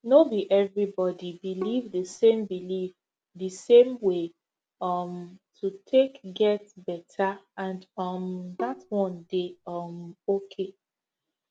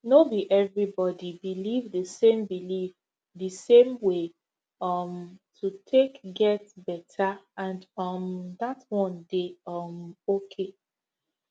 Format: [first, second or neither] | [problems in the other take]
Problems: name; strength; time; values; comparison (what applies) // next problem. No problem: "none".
second | background sound (Bowed string instrument); 15 dB below the speech